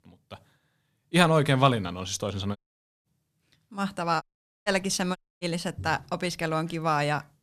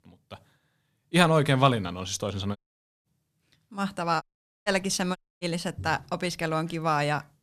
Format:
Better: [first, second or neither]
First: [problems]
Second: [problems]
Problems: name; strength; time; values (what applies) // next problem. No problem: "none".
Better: neither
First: audio cutting out; at 2.5 s, at 4 s and at 5 s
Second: audio cutting out; at 2.5 s, at 4 s and at 5 s